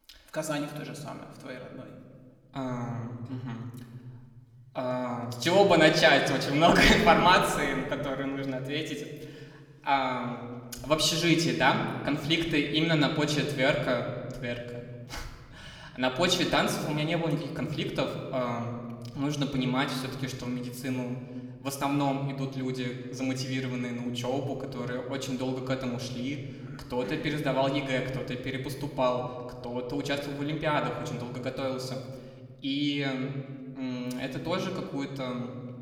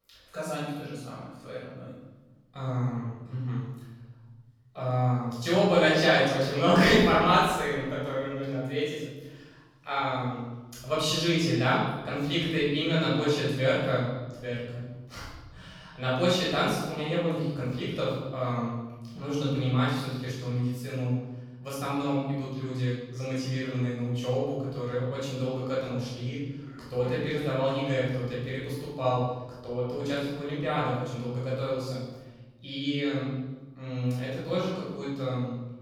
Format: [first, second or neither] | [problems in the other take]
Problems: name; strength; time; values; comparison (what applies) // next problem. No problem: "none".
first | room echo; strong; dies away in 1.2 s; slight in the first // off-mic speech; far; somewhat distant in the first